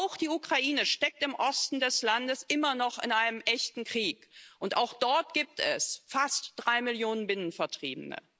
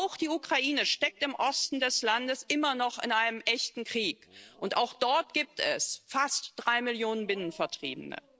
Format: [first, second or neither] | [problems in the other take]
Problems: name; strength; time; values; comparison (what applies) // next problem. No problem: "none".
first | noise reduction (neural separator model SepFormer DNS4)